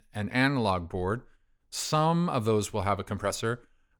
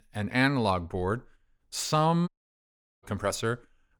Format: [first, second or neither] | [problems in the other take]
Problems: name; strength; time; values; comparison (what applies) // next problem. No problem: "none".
first | audio cutting out; at 2.5 s for 0.5 s